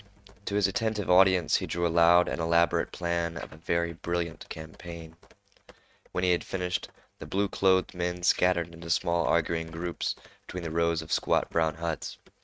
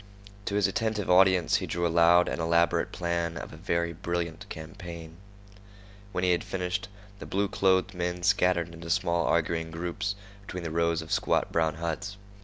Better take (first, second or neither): second